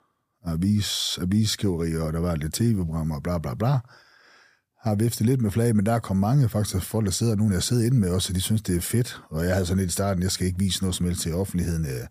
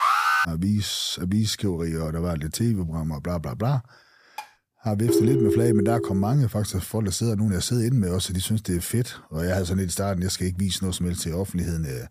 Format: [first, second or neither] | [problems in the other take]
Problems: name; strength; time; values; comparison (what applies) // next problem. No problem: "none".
first | alarm; loud; at the start; peak 6 dB above the speech // clattering dishes; faint; at 4.5 s; peak 15 dB below the speech // phone ringing; loud; from 5 to 6.5 s; peak 4 dB above the speech